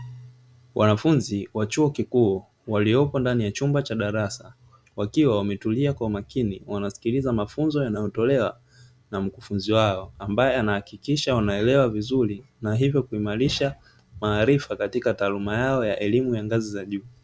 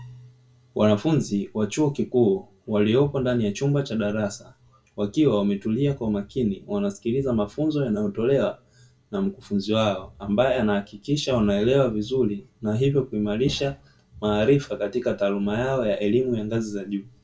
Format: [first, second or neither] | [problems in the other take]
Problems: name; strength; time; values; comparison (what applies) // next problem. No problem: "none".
first | room echo; dies away in 0.2 s